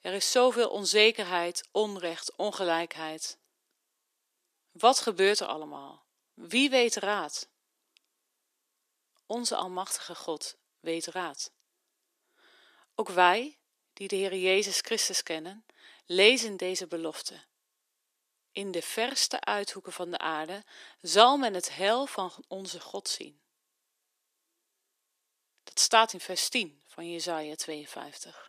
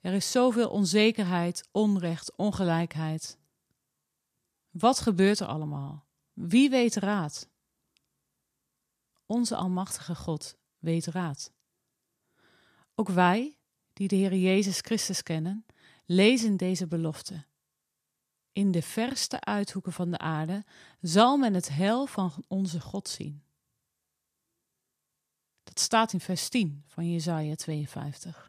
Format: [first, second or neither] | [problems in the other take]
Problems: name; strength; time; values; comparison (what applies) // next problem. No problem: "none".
second | thin; somewhat; fading below 350 Hz